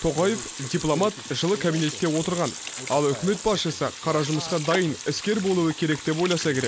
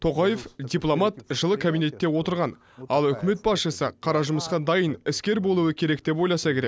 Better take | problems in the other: second | background sound (Sink (filling or washing) / Water tap, faucet); 11 dB below the speech

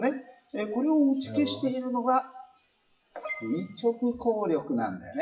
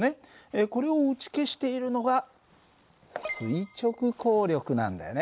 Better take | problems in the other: second | noise reduction (classical method WPE with log-MMSE)

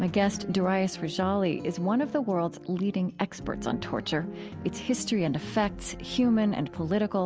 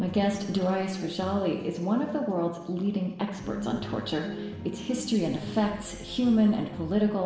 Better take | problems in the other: first | room echo; dies away in 1.3 s

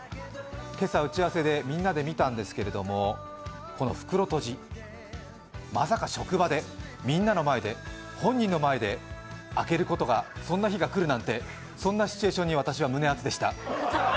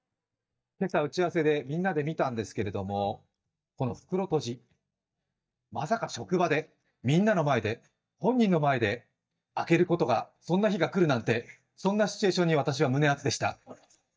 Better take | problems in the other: first | noise reduction (neural mask model DeepFilterNet 3)

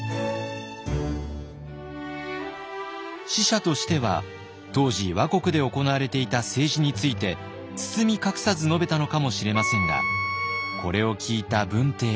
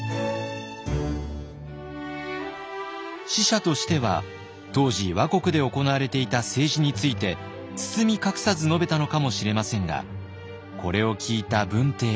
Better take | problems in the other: second | background sound (Wind instrument, woodwind instrument); 4 dB below the speech

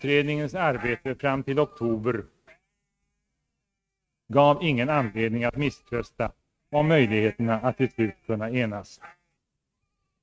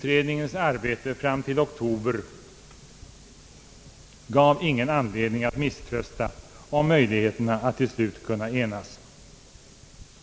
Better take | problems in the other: second | noise reduction (neural mask model RNNoise)

